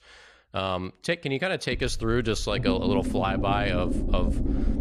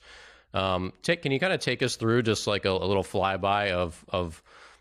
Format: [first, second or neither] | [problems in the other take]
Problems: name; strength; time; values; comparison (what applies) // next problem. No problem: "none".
second | low rumble; loud; from 1.5 s on; 7 dB below the speech